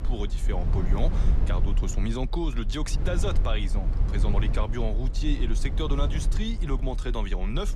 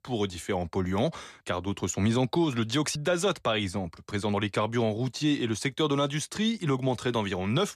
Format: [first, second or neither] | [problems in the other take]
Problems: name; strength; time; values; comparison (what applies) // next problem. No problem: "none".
second | low rumble; loud; throughout; 9 dB below the speech